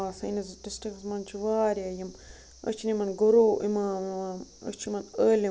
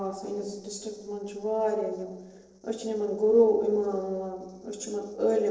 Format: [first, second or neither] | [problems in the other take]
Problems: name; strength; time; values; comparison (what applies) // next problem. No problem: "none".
first | noise reduction (neural separator model SepFormer DNS4)